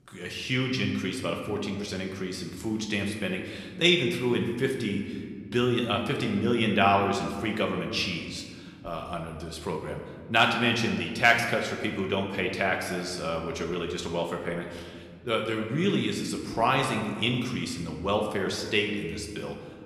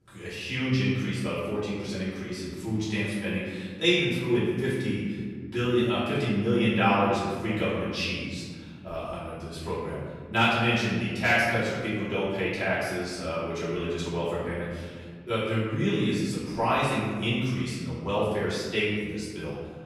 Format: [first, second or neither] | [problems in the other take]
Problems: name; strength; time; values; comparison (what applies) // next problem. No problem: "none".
first | room echo; strong; dies away in 1.9 s; slight in the first // off-mic speech; far